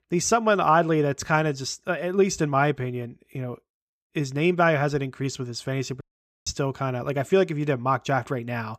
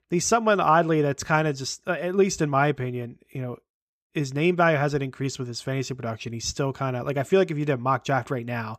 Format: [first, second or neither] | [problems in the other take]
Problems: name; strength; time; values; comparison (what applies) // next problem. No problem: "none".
second | audio cutting out; at 6 s